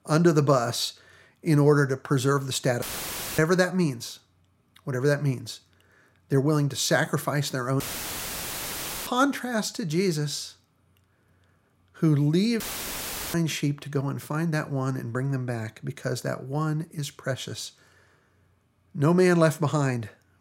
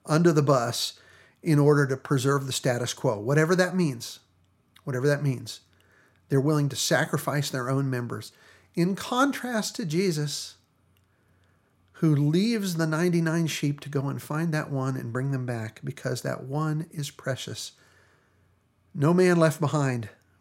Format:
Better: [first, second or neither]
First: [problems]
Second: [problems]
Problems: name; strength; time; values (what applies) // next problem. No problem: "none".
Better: second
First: audio cutting out; filled with static; at 3 s for 0.5 s, at 8 s for 1.5 s and at 13 s for 0.5 s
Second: none